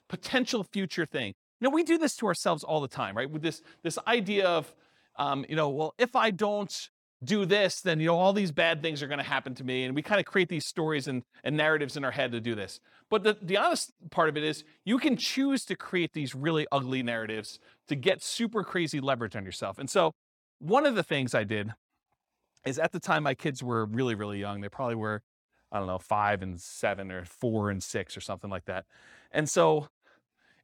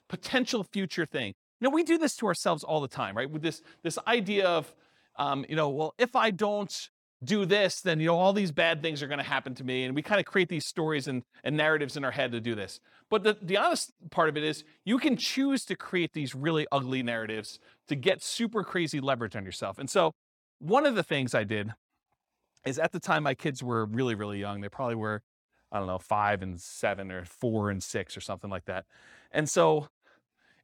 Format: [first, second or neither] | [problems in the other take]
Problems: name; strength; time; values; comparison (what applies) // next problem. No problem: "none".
neither | none